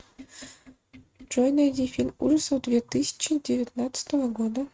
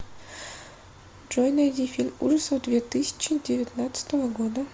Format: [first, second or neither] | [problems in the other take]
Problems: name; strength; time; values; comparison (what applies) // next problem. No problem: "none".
second | noise reduction (neural mask model RNNoise)